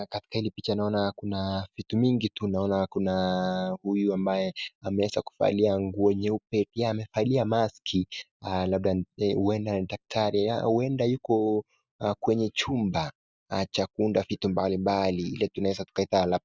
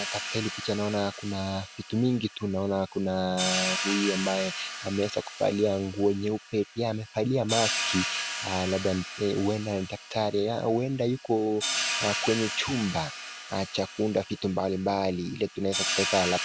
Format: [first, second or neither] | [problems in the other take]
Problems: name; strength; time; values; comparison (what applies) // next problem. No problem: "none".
first | background sound (Hi-hat); 6 dB below the speech